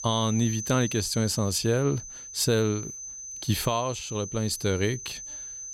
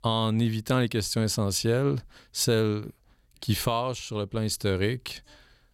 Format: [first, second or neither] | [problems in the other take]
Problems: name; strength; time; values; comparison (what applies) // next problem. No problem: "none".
second | high-pitched whine; loud; throughout; 6 kHz, 9 dB below the speech